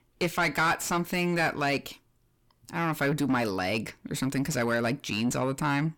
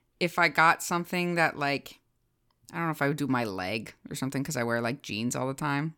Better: second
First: distortion; heavy; 6 dB below the speech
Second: none

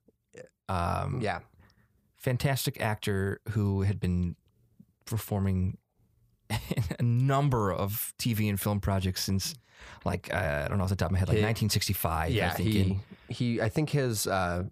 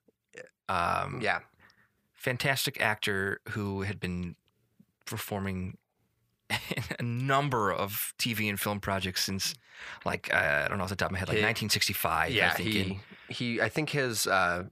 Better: first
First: none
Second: thin; somewhat; fading below 500 Hz

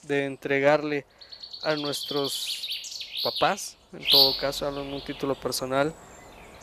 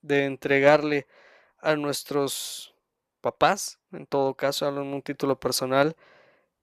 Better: second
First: animal sounds; very loud; throughout; 3 dB above the speech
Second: none

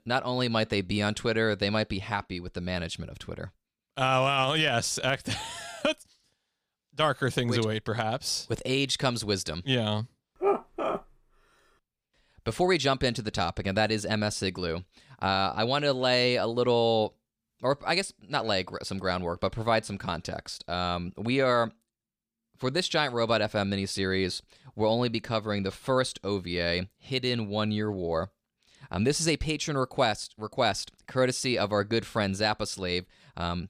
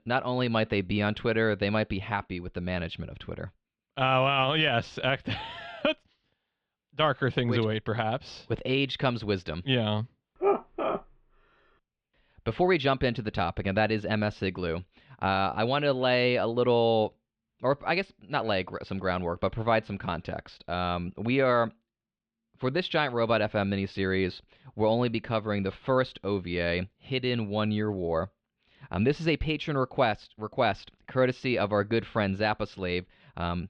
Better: first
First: none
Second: muffled; slightly; fading above 3 kHz

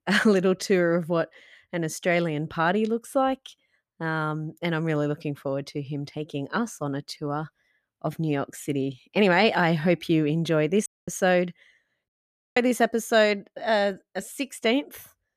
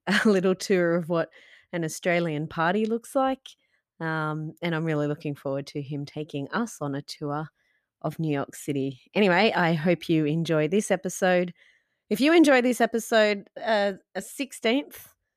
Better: second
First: audio cutting out; at 11 s and at 12 s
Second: none

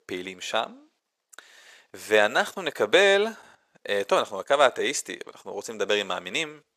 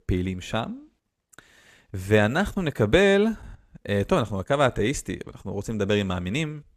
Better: second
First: thin; very; fading below 550 Hz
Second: none

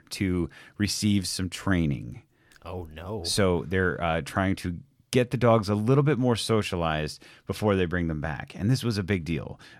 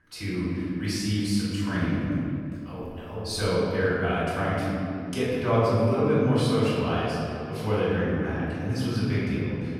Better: first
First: none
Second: off-mic speech; far // room echo; strong; dies away in 2.3 s

